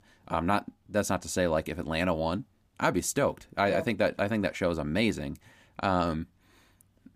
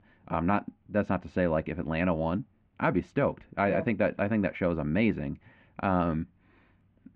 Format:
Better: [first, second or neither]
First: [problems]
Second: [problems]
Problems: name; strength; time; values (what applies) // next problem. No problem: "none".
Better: first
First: none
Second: muffled; very; fading above 2.5 kHz